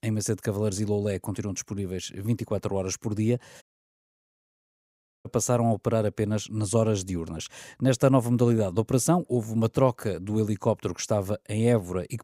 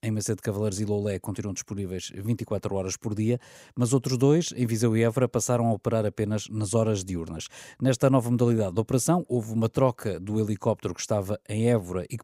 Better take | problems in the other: second | audio cutting out; at 3.5 s for 1.5 s

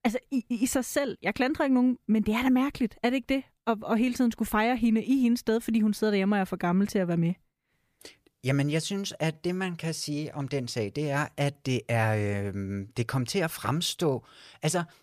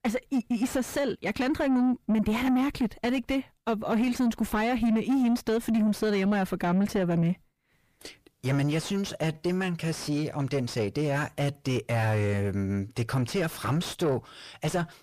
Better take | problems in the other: first | distortion; slight; 9 dB below the speech

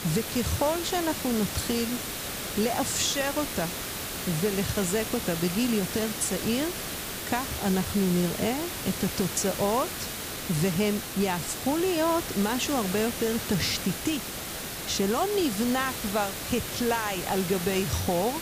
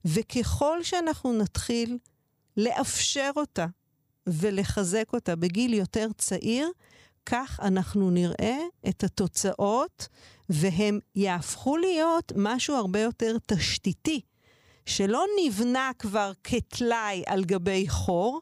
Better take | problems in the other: second | hiss; loud; throughout; 4 dB below the speech

